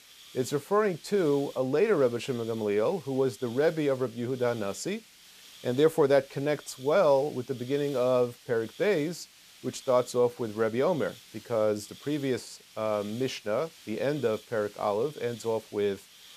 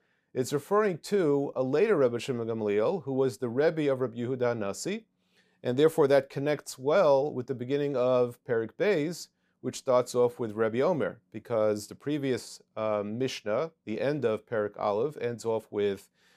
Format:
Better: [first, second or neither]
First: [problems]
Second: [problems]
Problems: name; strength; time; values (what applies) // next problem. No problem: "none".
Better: second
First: hiss; faint; throughout; 20 dB below the speech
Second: none